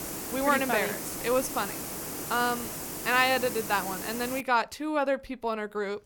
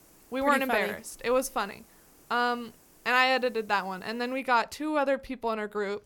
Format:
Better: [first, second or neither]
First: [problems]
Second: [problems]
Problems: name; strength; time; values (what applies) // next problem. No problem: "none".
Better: second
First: hiss; loud; until 4.5 s; 6 dB below the speech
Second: hiss; faint; until 4.5 s; 30 dB below the speech